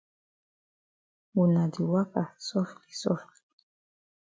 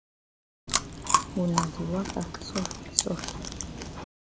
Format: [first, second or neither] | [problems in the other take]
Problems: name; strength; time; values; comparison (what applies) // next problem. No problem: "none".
first | background sound (Chewing, mastication); 4 dB above the speech